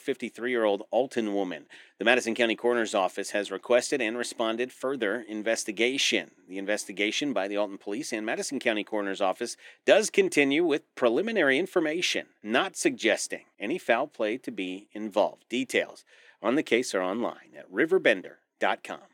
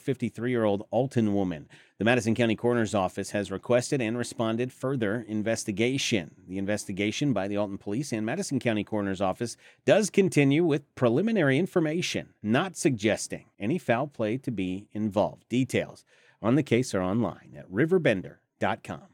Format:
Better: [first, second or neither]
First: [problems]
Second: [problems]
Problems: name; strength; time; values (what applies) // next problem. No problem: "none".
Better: second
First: thin; somewhat; fading below 300 Hz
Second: none